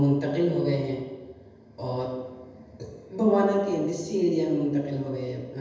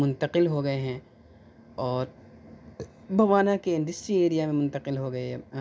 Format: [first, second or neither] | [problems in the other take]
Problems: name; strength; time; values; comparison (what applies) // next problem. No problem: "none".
second | room echo; dies away in 1.1 s